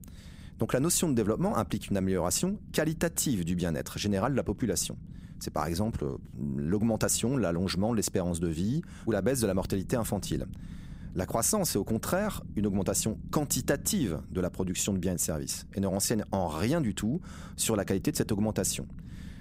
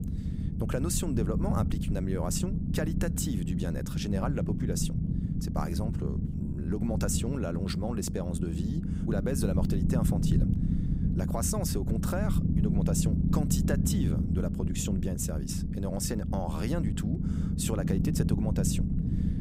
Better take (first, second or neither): first